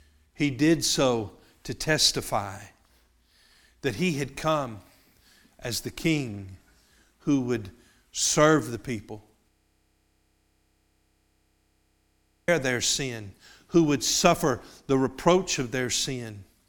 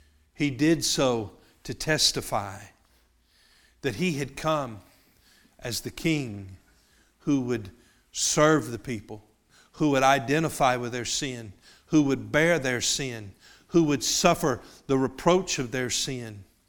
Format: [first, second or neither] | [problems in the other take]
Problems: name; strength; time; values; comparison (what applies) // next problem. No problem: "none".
second | audio freezing; at 9.5 s for 3 s